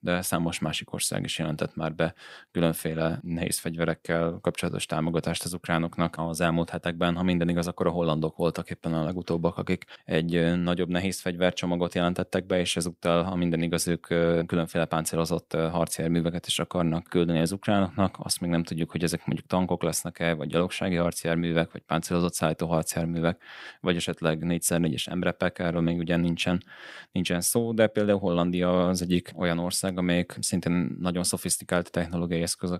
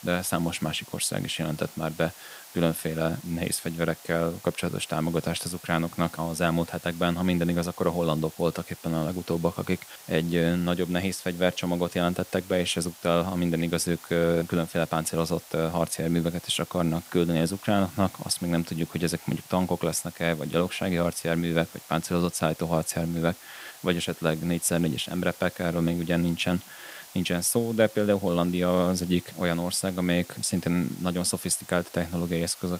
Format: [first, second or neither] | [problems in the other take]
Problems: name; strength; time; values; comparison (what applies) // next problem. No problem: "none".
first | hiss; noticeable; throughout; 20 dB below the speech